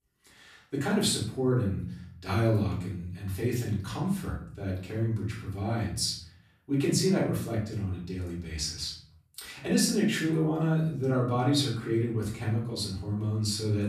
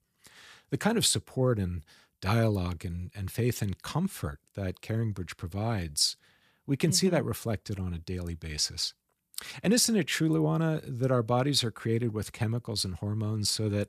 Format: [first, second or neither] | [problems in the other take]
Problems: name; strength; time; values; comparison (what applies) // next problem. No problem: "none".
second | off-mic speech; far // room echo; noticeable; dies away in 0.5 s